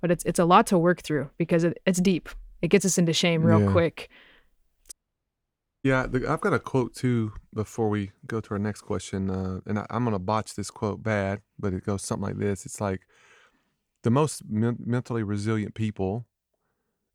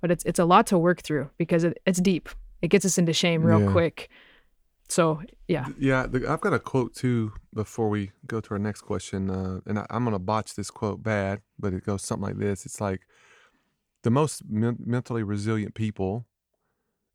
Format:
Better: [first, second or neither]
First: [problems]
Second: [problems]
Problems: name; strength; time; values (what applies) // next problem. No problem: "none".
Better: second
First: audio cutting out; at 5 s for 1 s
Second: none